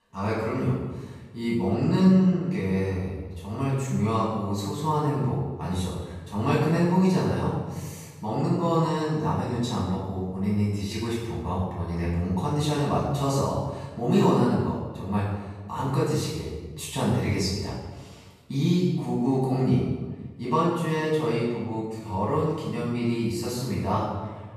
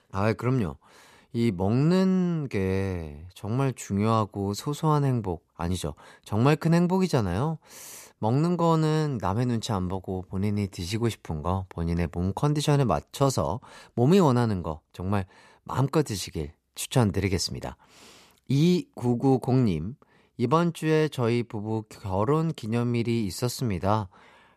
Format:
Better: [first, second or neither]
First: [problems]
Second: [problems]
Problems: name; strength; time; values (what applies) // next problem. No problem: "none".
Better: second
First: room echo; strong; dies away in 1.1 s // off-mic speech; far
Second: none